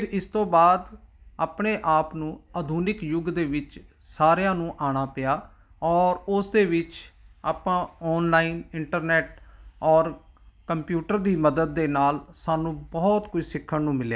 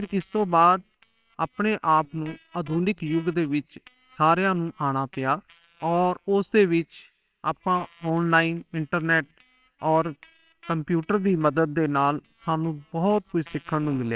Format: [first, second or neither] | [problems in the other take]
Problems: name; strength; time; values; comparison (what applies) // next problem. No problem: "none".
first | noise reduction (neural separator model SepFormer WHAMR!)